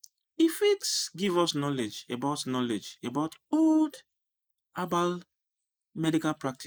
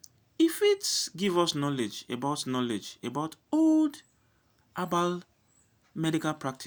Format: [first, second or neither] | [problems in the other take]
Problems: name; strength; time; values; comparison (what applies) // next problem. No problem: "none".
second | noise reduction (neural mask model Resemble Enhance denoiser)